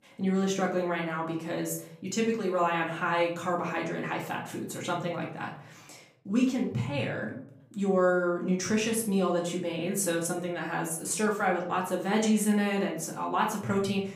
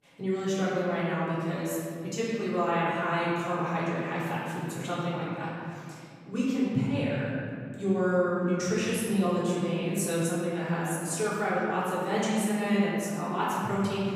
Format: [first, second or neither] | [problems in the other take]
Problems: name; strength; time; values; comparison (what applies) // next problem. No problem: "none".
first | room echo; strong; dies away in 2.5 s; slight in the first // off-mic speech; far; far in the first